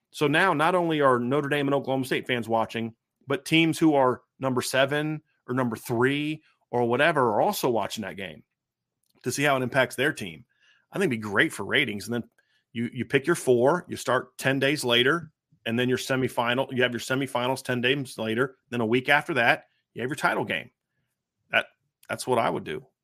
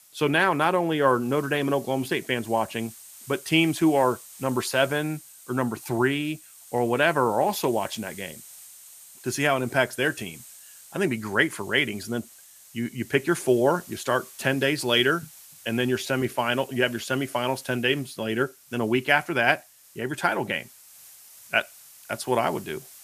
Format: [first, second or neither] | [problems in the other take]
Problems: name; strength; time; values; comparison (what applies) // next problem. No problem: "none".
first | hiss; faint; throughout; 20 dB below the speech